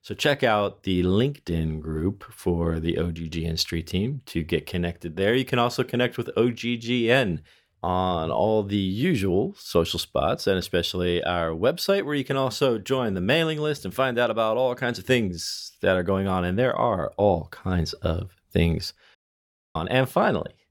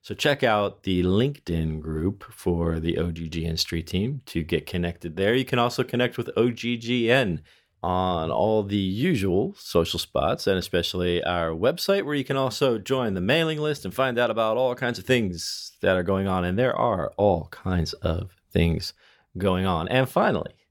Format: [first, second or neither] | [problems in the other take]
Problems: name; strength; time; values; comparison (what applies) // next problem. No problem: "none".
second | audio cutting out; at 19 s for 0.5 s